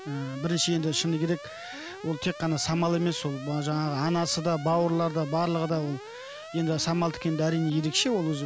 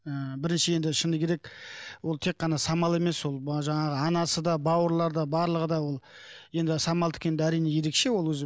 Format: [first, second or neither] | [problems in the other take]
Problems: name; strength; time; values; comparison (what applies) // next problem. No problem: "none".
second | background sound (Alarm); 15 dB below the speech